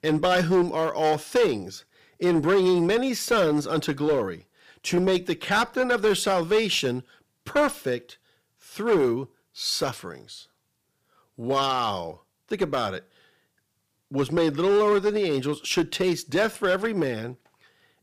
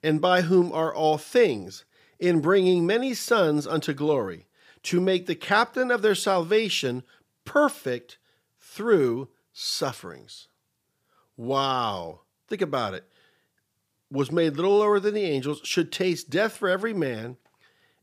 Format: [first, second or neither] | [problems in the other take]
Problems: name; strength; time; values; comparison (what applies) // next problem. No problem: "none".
second | distortion; slight; 6% of the sound clipped